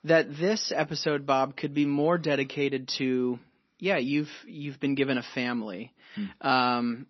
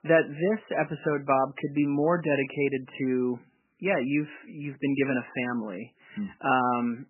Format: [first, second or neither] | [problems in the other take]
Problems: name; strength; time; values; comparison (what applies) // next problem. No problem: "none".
first | garbled, watery; badly; nothing above 3 kHz; slightly in the first